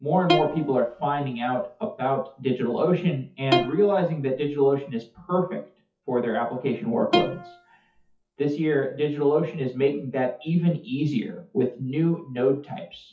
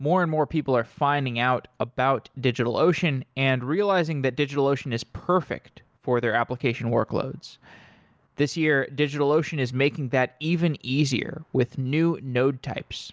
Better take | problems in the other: second | noise reduction (classical method WPE with log-MMSE)

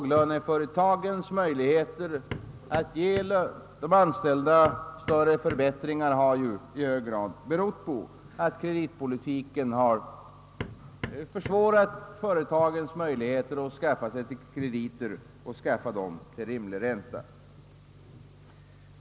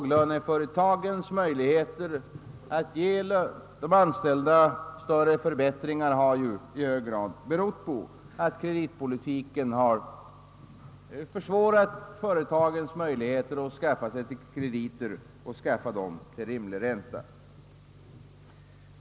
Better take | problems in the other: second | background sound (Hammer); 12 dB below the speech

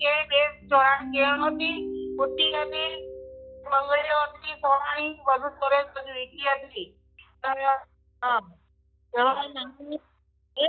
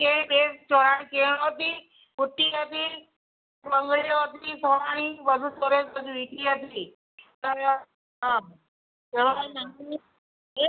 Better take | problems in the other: second | noise reduction (classical method log-MMSE)

